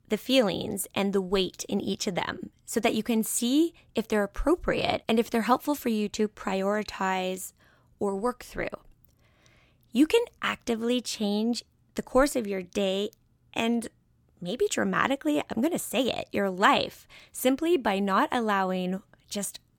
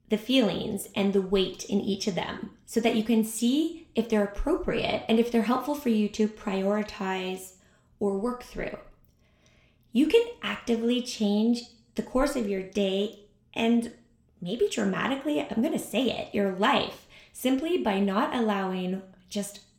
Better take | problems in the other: first | room echo; very slight; dies away in 0.4 s

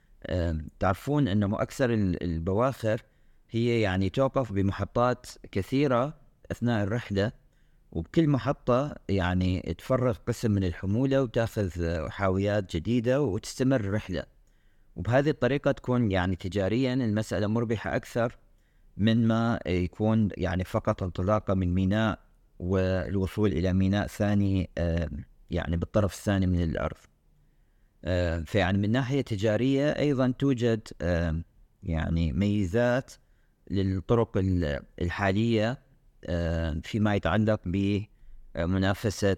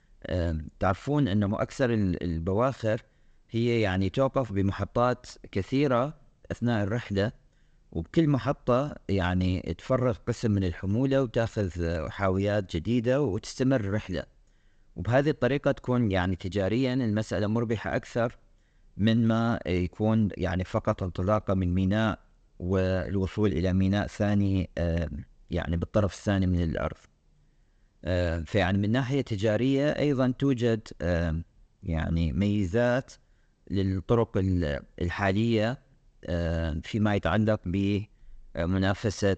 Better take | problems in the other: first | garbled, watery; slightly; nothing above 7.5 kHz

